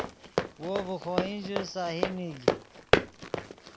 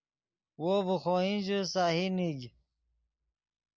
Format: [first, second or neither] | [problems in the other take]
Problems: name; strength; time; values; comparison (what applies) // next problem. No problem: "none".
second | background sound (Run); 5 dB above the speech